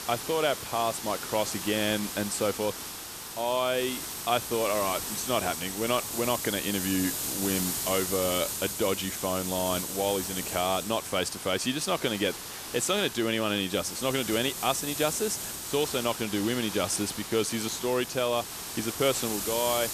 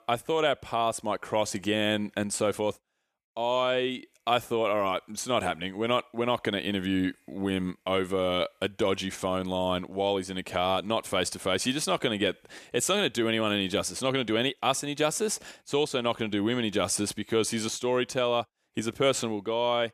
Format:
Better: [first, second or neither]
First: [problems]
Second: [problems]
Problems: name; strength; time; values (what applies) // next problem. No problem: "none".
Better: second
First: hiss; loud; throughout; 4 dB below the speech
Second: none